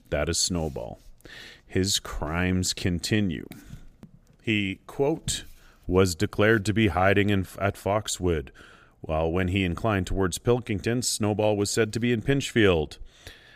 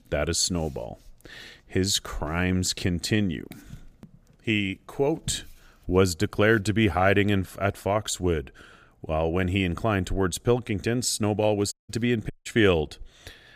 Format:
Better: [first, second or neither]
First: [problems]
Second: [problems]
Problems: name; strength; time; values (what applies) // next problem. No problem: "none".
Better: first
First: none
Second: audio cutting out; at 12 s